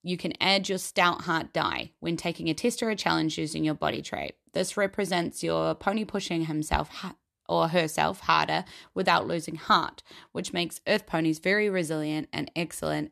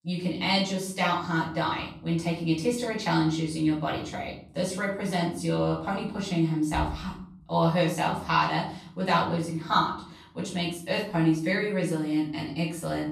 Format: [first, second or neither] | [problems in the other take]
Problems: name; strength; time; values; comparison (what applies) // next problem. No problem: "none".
first | room echo; noticeable; dies away in 0.6 s // off-mic speech; far